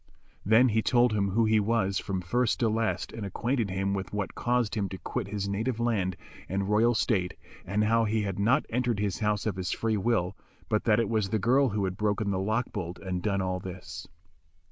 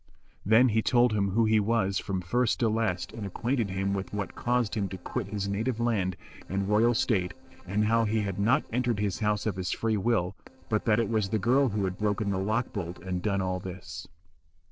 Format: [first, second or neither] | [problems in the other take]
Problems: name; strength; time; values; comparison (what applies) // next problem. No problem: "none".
first | noise reduction (neural separator model SepFormer DNS4)